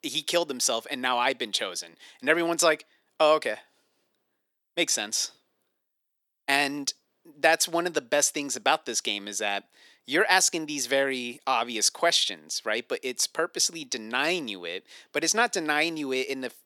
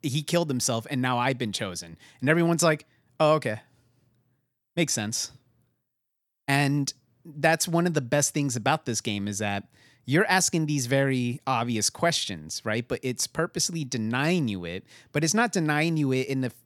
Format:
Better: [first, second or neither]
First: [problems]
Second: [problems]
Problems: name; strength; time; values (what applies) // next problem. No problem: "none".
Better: second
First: thin; somewhat; fading below 350 Hz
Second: none